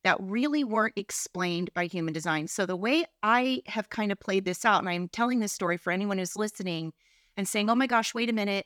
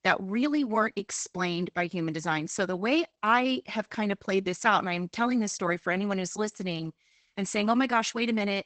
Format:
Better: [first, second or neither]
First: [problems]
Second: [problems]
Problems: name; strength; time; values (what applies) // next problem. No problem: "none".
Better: first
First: none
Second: garbled, watery; badly; nothing above 8 kHz